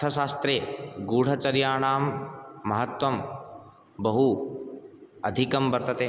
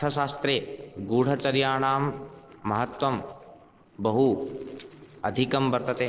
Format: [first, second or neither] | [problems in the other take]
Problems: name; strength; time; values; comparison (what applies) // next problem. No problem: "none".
first | noise reduction (neural separator model SepFormer DNS4)